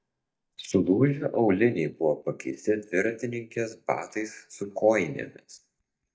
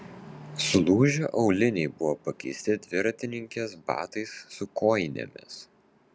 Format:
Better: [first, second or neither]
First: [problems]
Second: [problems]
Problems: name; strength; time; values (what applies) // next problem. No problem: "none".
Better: second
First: noise reduction (neural mask model DeepFilterNet 3)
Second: none